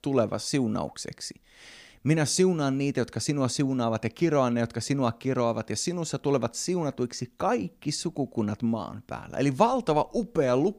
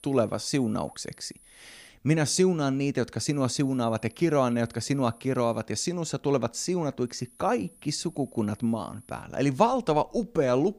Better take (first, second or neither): first